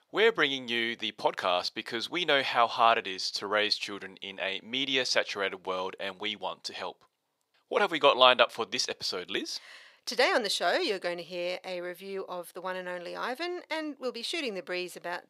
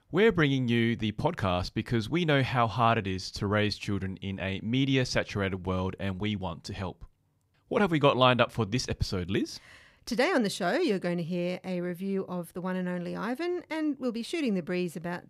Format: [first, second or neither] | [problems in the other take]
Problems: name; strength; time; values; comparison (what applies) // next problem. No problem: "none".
second | thin; very; fading below 550 Hz